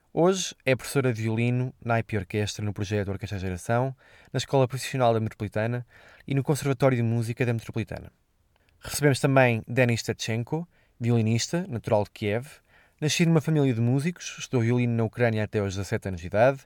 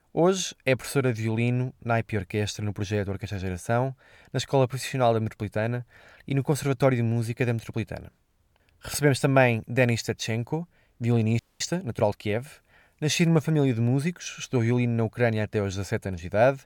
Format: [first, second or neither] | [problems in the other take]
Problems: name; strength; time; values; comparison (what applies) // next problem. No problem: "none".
first | audio freezing; at 11 s